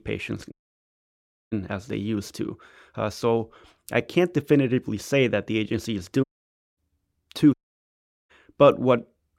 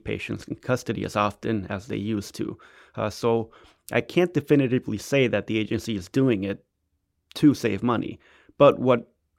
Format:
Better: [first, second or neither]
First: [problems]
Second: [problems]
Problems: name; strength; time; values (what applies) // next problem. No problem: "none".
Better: second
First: audio cutting out; at 0.5 s for 1 s, at 6 s for 0.5 s and at 7.5 s for 0.5 s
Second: none